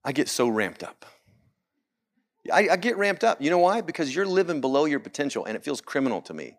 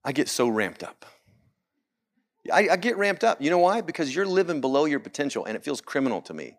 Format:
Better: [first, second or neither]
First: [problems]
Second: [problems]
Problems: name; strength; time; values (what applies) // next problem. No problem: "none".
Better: neither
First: none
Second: none